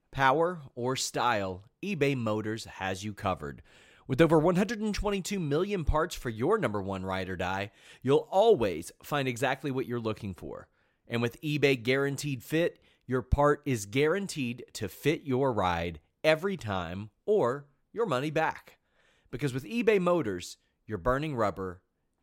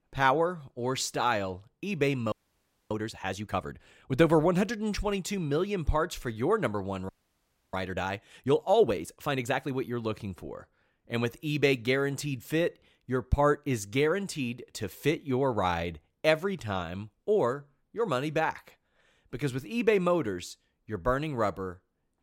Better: first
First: none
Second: audio freezing; at 2.5 s for 0.5 s and at 7 s for 0.5 s

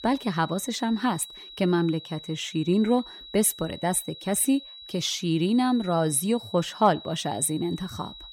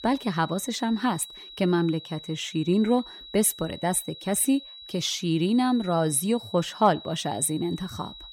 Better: neither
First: high-pitched whine; noticeable; throughout; 4 kHz, 15 dB below the speech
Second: high-pitched whine; noticeable; throughout; 4 kHz, 15 dB below the speech

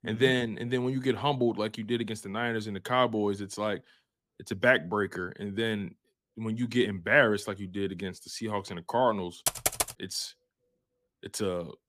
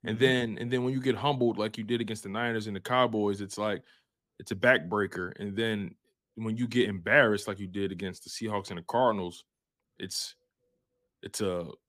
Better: second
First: keyboard typing; loud; at 9.5 s; peak 2 dB above the speech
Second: none

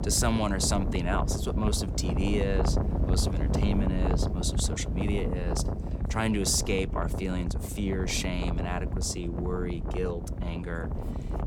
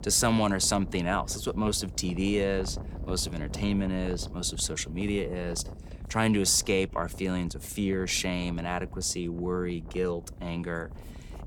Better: second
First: wind noise on the microphone; heavy; 6 dB below the speech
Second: wind noise on the microphone; occasional gusts; 20 dB below the speech

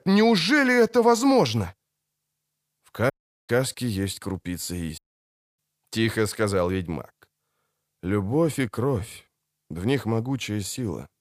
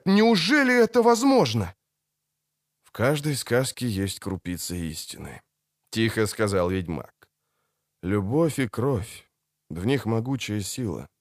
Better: second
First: audio cutting out; at 3 s and at 5 s for 0.5 s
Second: none

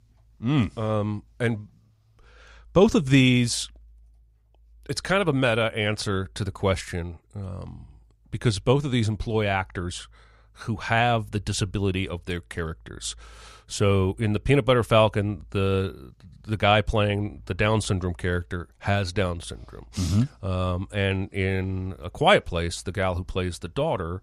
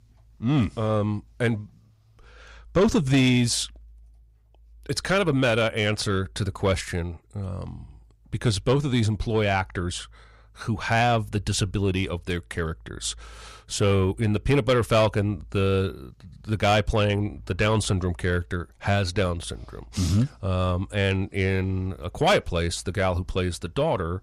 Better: first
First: none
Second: distortion; slight; 10 dB below the speech

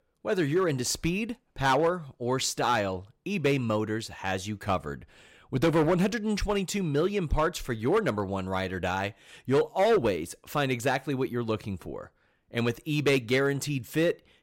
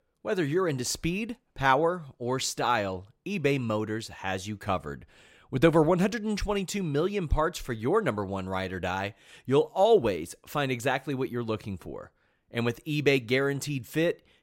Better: second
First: distortion; slight; 3% of the sound clipped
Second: none

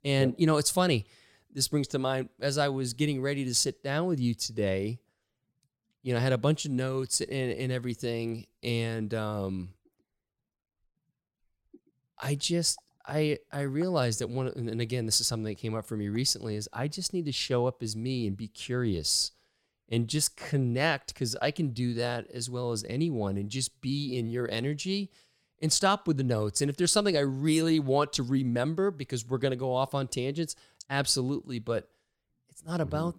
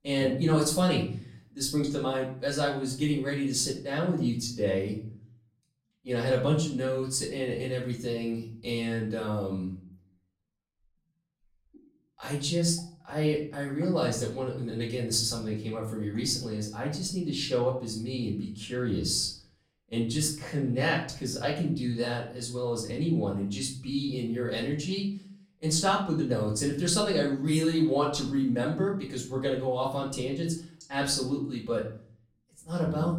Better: first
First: none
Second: off-mic speech; far // room echo; slight; dies away in 0.4 s

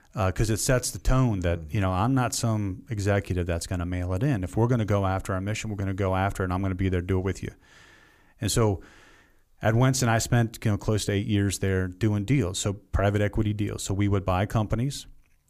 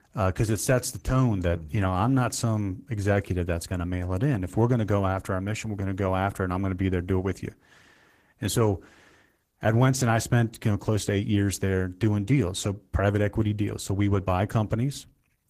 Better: first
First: none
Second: garbled, watery; slightly

